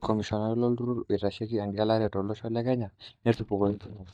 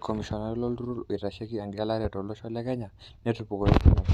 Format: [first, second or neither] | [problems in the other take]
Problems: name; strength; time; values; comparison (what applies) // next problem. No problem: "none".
second | noise reduction (neural mask model DeepFilterNet 3)